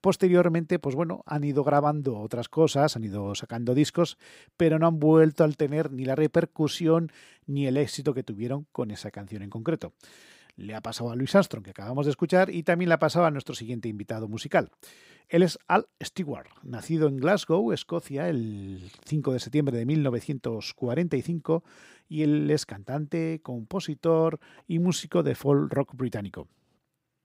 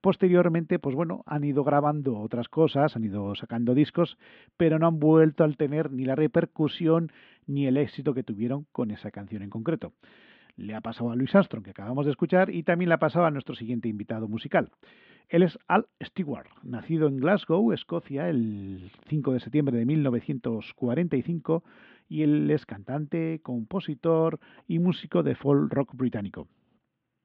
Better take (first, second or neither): first